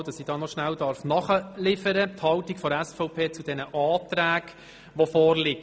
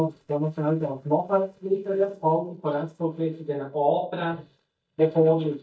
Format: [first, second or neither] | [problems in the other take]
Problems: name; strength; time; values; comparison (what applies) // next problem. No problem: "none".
first | noise reduction (neural mask model DeepFilterNet 3)